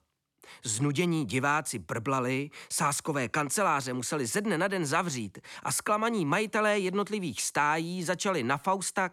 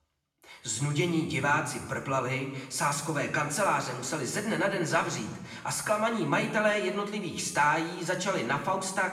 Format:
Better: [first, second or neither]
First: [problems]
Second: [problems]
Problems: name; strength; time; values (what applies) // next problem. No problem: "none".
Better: first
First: none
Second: room echo; noticeable; dies away in 0.9 s // off-mic speech; far